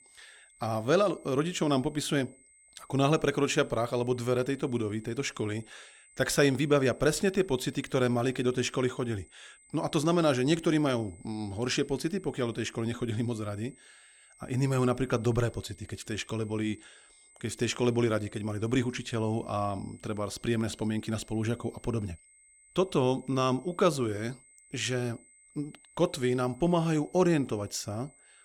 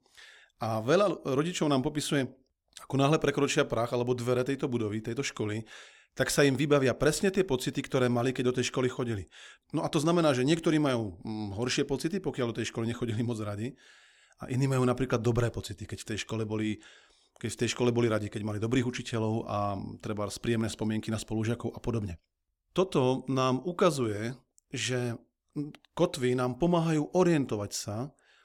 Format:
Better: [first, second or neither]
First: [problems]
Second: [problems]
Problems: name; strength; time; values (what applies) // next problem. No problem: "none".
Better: second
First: high-pitched whine; faint; throughout; 8 kHz, 25 dB below the speech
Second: none